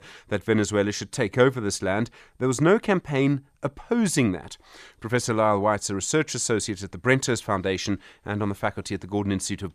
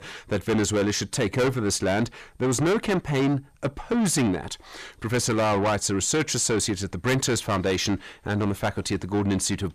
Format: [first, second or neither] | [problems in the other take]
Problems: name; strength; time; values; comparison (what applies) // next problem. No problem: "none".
first | distortion; heavy; 6 dB below the speech